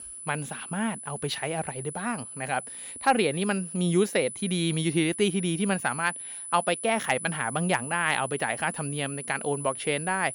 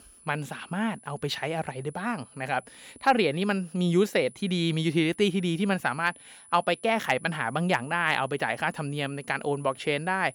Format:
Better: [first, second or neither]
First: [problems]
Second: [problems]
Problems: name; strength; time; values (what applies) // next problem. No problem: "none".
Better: second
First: high-pitched whine; loud; throughout; 10 kHz, 8 dB below the speech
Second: high-pitched whine; faint; throughout; 10 kHz, 20 dB below the speech